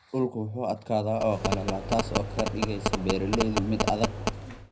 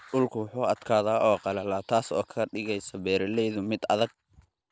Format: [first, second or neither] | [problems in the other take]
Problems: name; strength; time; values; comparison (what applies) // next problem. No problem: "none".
second | background sound (Telephone); 1 dB below the speech // room echo; dies away in 0.3 s